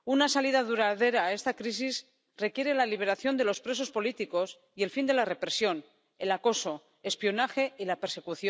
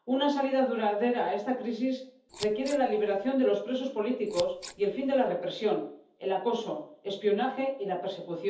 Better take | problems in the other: first | background sound (Scissors); 16 dB below the speech // room echo; dies away in 0.5 s

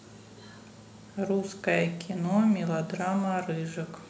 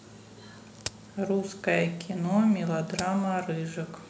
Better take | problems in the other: first | background sound (Crack); 17 dB below the speech

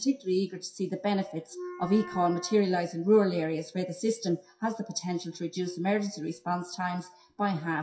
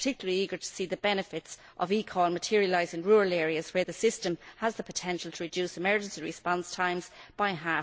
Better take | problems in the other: second | noise reduction (classical method WPE with log-MMSE)

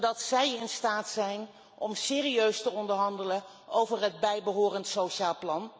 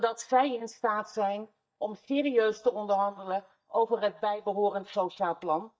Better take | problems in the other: first | noise reduction (neural mask model DeepFilterNet 3)

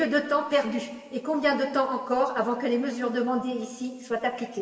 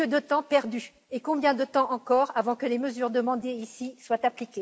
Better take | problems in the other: second | room echo; dies away in 2.4 s

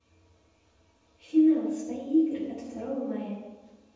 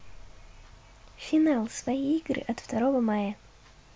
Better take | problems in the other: second | room echo; dies away in 1.1 s

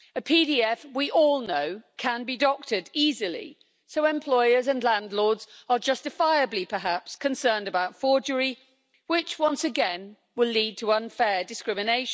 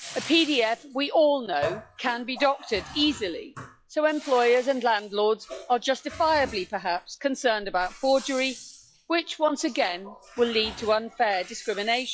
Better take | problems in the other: first | noise reduction (classical method log-MMSE)

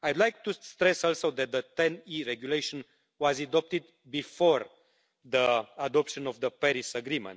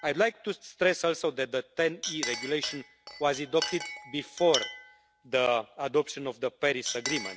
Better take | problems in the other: first | background sound (Chink, clink); 10 dB below the speech

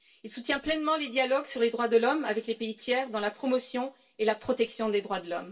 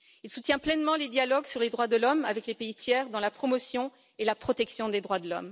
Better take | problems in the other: second | room echo; dies away in 0.2 s

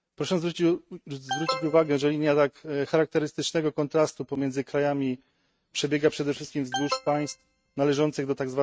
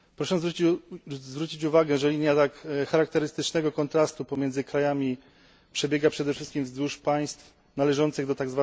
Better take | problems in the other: second | noise reduction (neural mask model RNNoise)

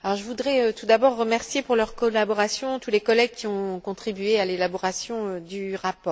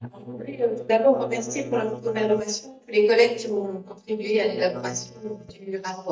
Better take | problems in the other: first | noise reduction (neural mask model DeepFilterNet 3)

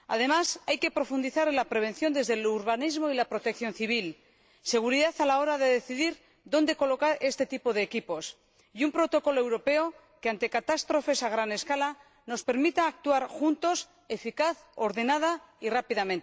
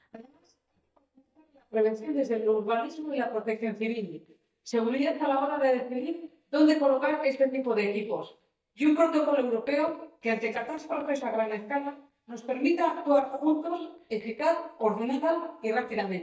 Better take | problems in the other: first | noise reduction (neural mask model DeepFilterNet 3)

